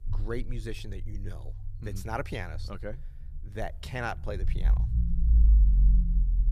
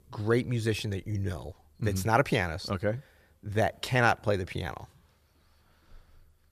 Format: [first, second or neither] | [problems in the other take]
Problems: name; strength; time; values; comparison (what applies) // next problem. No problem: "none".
second | low rumble; noticeable; throughout; 10 dB below the speech